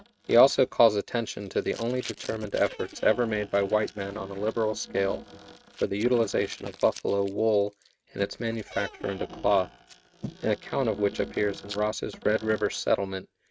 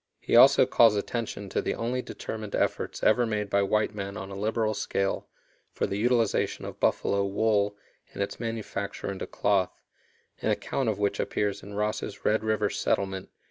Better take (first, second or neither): second